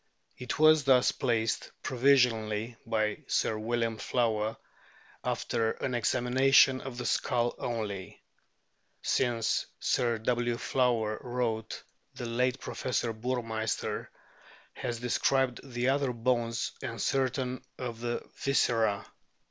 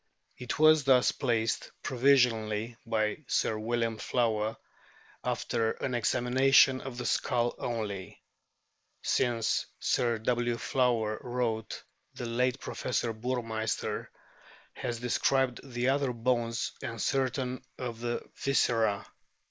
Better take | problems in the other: first | noise reduction (neural mask model Resemble Enhance denoiser)

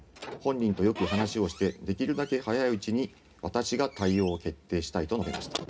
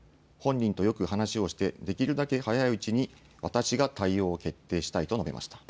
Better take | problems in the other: second | background sound (Squeak / Slam); 14 dB below the speech // room echo; dies away in 0.3 s

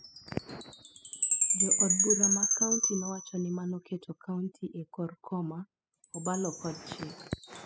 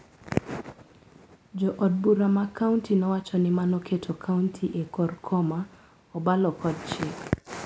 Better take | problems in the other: second | noise reduction (classical method spectral subtraction)

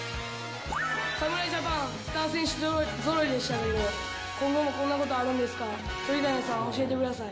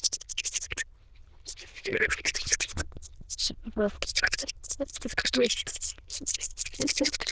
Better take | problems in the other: first | noise reduction (neural diffusion model UNIVERSE++)

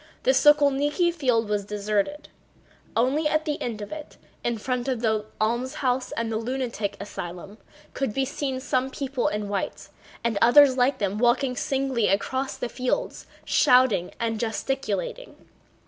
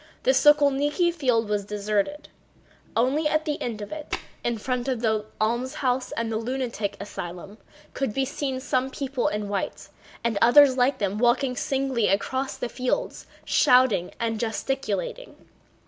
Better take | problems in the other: first | background sound (Tap); 11 dB below the speech

